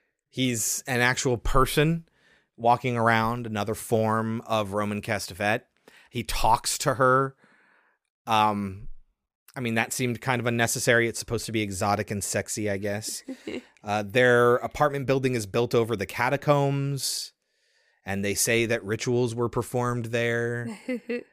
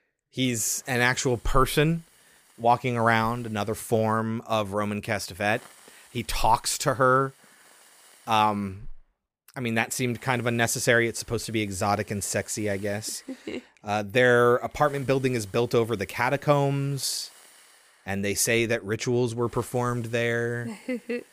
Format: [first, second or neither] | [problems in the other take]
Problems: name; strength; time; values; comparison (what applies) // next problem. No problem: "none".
first | hiss; faint; throughout; 25 dB below the speech